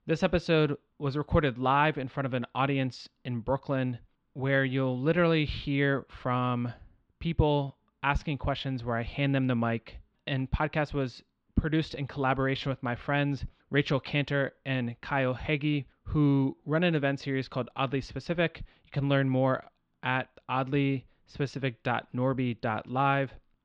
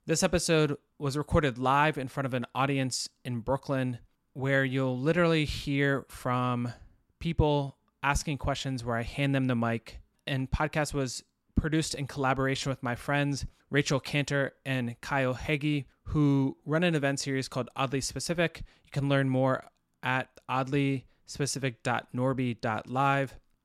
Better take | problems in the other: second | muffled; slightly; fading above 3.5 kHz

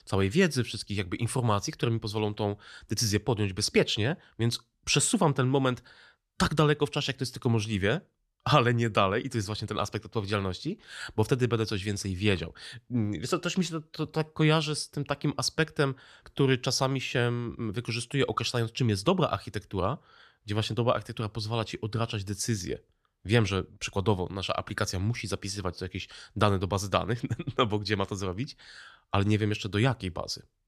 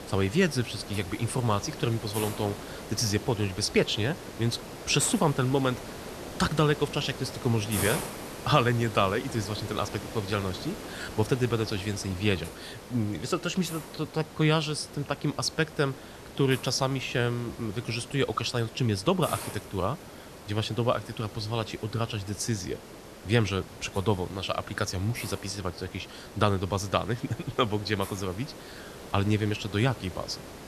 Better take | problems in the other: first | hiss; noticeable; throughout; 10 dB below the speech

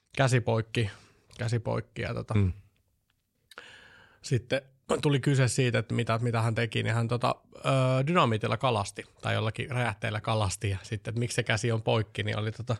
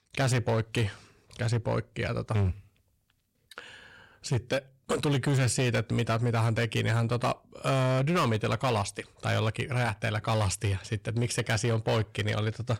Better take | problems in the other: first | distortion; slight; 11% of the sound clipped

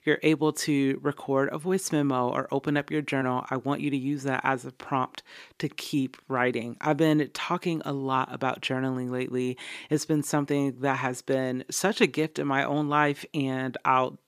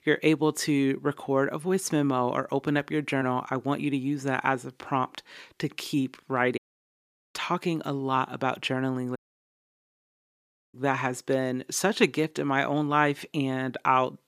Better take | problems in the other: first | audio cutting out; at 6.5 s for 1 s and at 9 s for 1.5 s

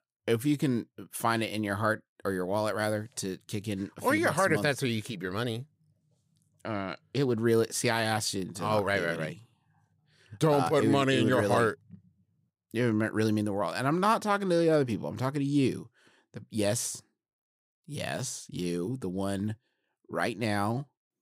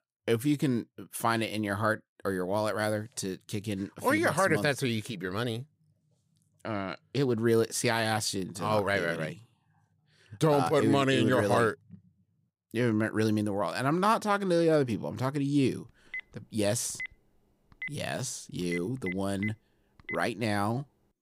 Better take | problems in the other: first | phone ringing; noticeable; from 16 to 20 s; peak 9 dB below the speech

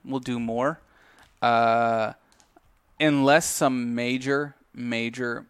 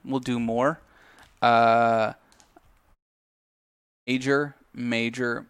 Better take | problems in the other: first | audio cutting out; at 3 s for 1 s

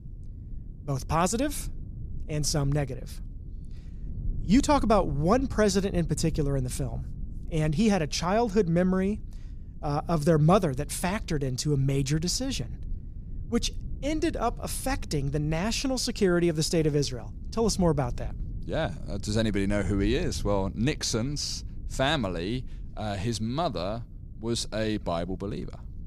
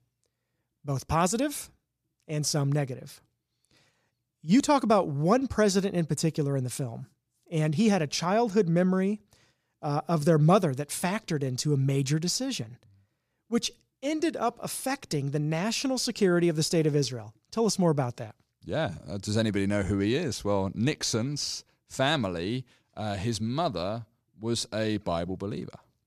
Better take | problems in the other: second | low rumble; faint; throughout; 25 dB below the speech

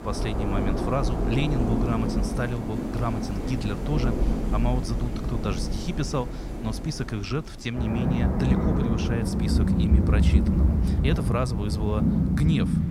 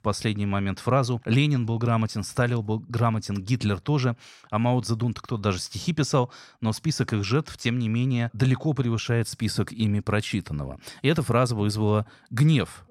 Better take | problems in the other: second | rain or running water; very loud; throughout; 4 dB above the speech

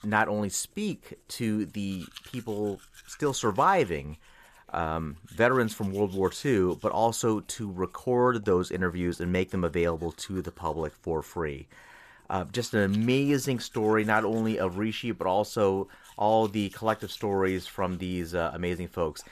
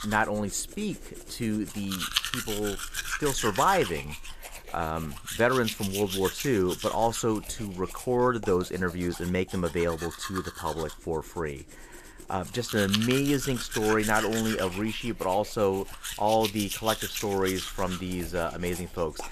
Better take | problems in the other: first | household noises; loud; throughout; 7 dB below the speech; faint in the first

